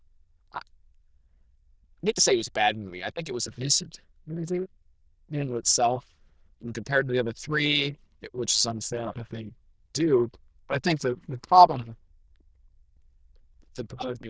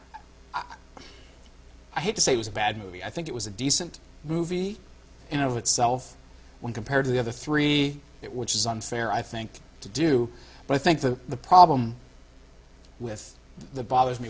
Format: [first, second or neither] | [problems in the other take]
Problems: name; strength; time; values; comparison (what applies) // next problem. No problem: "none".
second | noise reduction (neural diffusion model UNIVERSE++)